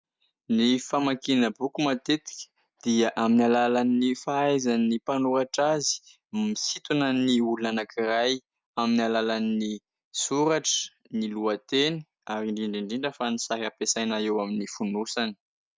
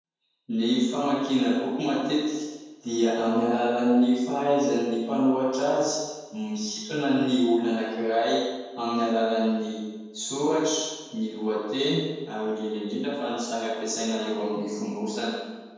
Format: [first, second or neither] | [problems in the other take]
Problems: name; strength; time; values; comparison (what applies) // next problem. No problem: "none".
first | room echo; dies away in 1.2 s